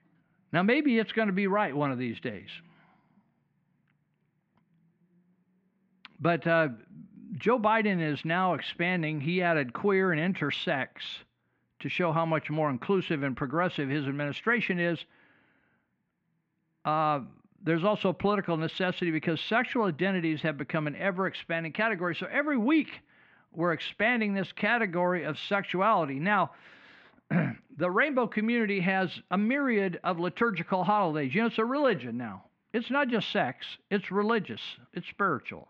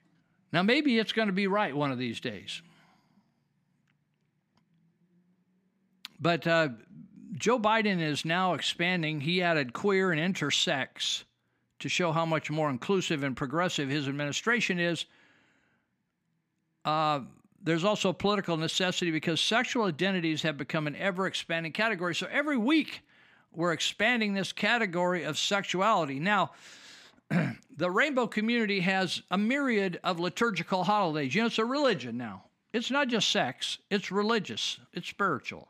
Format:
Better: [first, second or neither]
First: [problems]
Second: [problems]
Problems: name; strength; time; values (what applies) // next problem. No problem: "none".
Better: second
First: muffled; very; fading above 2.5 kHz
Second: none